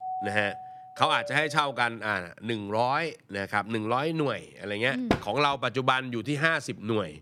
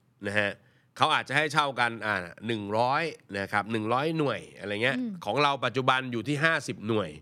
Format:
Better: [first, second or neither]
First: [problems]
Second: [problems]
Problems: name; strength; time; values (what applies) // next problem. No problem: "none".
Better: second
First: doorbell; noticeable; until 2 s; peak 6 dB below the speech // door banging; noticeable; at 5 s; peak 3 dB below the speech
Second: none